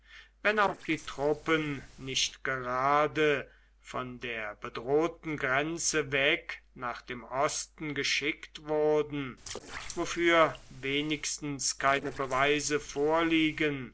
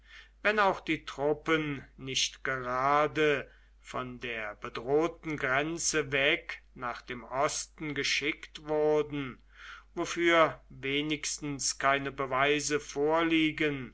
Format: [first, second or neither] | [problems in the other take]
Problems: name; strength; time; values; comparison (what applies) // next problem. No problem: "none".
second | noise reduction (neural separator model SepFormer DNS4)